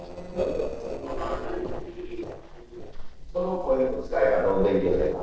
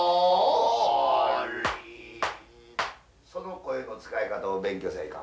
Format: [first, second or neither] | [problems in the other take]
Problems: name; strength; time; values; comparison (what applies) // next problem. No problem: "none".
second | noise reduction (neural separator model SepFormer DNS4)